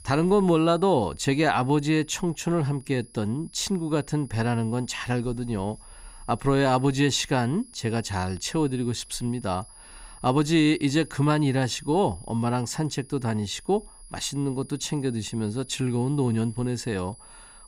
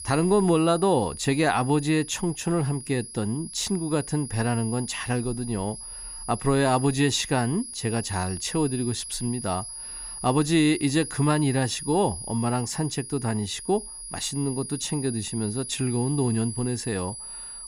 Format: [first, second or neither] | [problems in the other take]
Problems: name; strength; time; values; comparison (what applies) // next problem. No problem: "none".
first | high-pitched whine; loud; throughout; 10.5 kHz, 10 dB below the speech; faint in the first